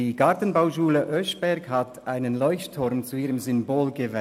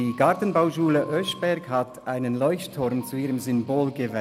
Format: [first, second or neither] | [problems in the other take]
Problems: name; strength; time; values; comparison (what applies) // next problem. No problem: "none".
first | background sound (Piano + Strum); 20 dB below the speech